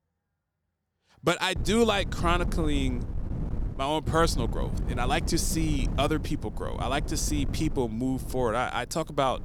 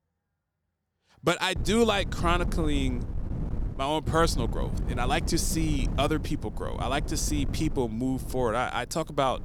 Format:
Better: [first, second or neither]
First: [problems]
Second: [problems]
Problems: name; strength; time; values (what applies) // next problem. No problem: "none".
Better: neither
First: wind noise on the microphone; occasional gusts; from 1.5 s on; 15 dB below the speech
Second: wind noise on the microphone; occasional gusts; from 1.5 s on; 15 dB below the speech